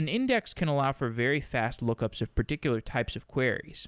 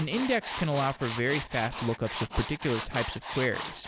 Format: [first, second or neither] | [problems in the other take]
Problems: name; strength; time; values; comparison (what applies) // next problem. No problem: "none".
first | background sound (Tools); 8 dB below the speech